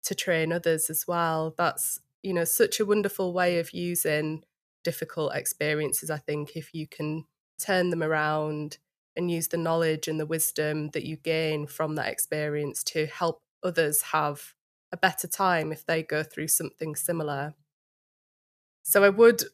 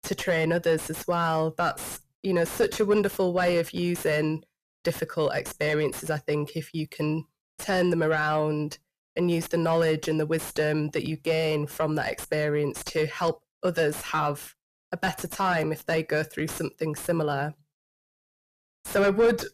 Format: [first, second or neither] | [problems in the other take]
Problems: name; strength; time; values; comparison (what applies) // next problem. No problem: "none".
first | distortion; heavy; 6 dB below the speech